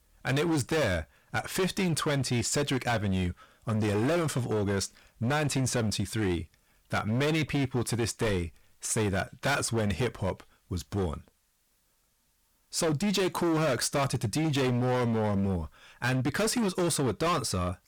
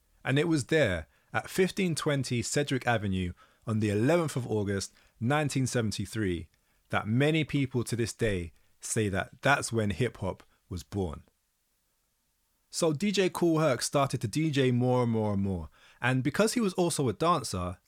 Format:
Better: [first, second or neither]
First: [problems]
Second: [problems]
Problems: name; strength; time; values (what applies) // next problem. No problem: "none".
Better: second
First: distortion; heavy; 19% of the sound clipped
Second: none